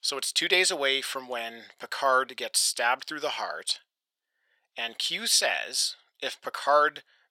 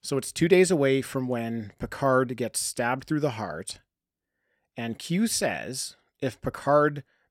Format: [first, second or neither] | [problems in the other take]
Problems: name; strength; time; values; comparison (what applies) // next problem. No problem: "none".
second | thin; very; fading below 850 Hz